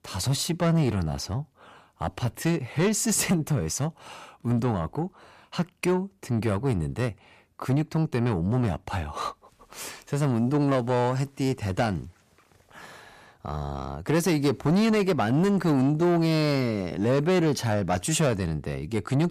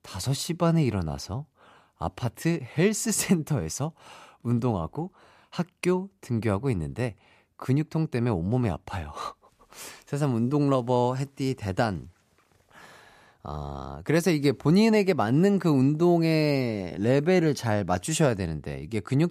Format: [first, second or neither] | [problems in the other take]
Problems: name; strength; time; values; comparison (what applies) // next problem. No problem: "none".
second | distortion; slight; 10 dB below the speech